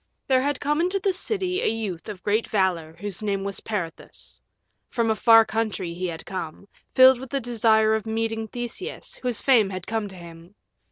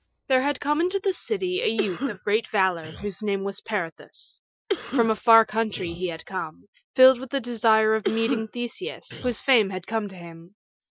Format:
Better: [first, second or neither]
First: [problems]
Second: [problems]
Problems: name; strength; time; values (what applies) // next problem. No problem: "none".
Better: first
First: none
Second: noise reduction (classical method Wiener filter)